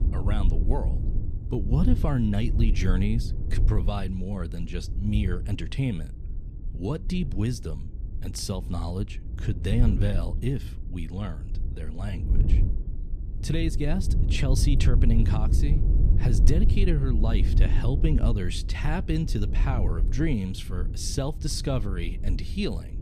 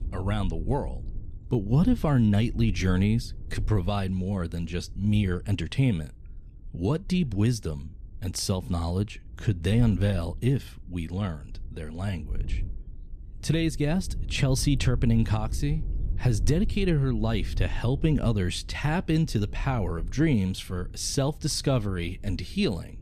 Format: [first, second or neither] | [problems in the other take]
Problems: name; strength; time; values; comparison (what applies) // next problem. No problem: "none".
second | low rumble; loud; throughout; 9 dB below the speech; faint in the second